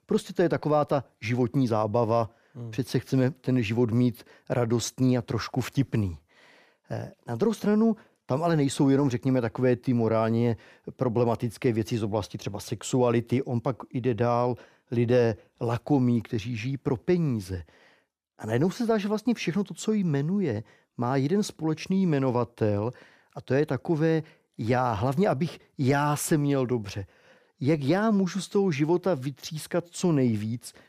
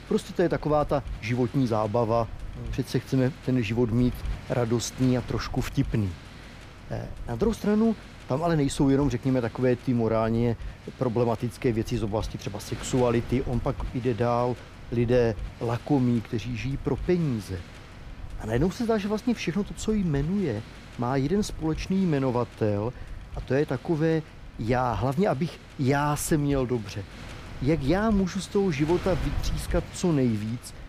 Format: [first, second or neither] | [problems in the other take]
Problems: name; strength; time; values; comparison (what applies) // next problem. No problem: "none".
first | wind noise on the microphone; occasional gusts; 15 dB below the speech